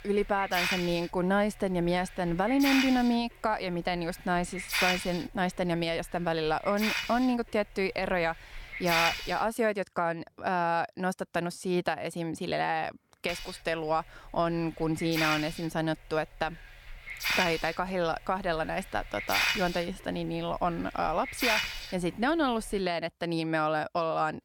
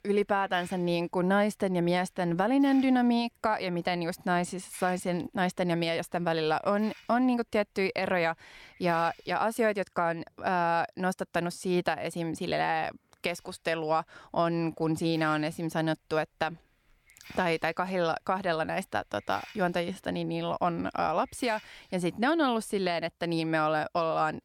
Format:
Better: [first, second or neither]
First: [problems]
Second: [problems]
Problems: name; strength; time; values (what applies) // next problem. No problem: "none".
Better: second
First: hiss; loud; until 9.5 s and from 13 to 23 s; 1 dB below the speech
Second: hiss; faint; until 9.5 s and from 13 to 23 s; 25 dB below the speech